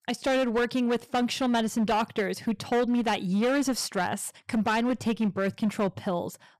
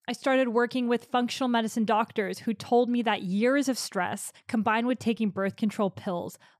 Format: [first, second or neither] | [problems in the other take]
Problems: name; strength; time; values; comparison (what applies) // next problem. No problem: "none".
second | distortion; slight; 13% of the sound clipped